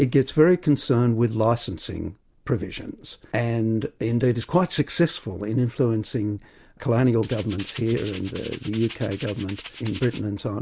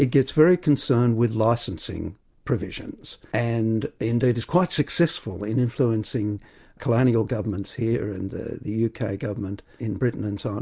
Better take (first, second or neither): second